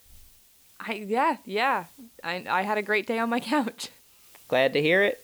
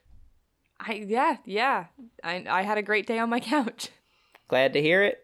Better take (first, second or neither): second